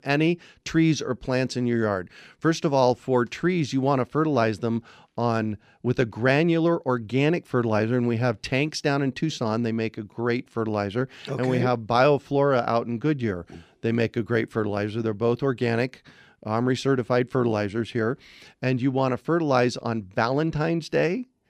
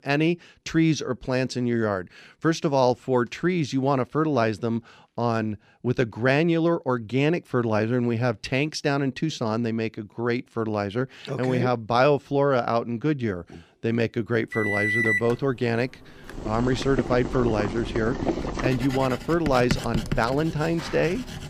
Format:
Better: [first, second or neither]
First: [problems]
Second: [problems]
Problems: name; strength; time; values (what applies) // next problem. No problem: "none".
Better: first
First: none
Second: household noises; loud; from 15 s on; 4 dB below the speech